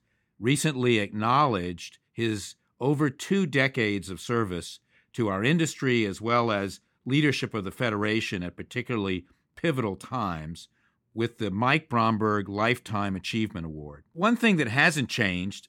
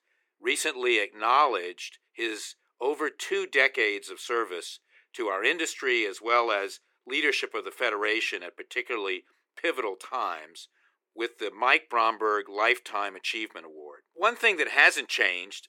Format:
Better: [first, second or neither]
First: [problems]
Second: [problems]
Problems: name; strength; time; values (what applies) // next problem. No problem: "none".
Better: first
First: none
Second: thin; very; fading below 400 Hz